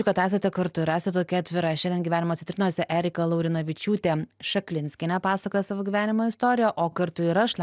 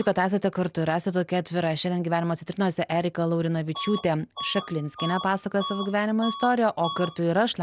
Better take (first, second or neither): first